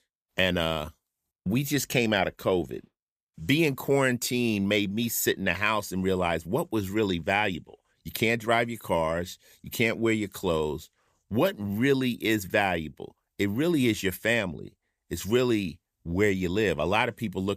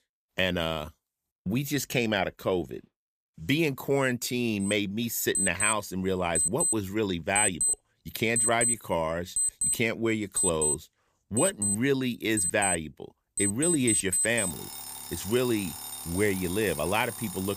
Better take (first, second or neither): first